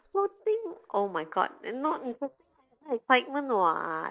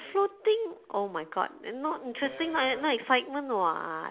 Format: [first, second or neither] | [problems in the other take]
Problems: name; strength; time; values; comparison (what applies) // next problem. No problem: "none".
second | noise reduction (neural mask model DeepFilterNet 3)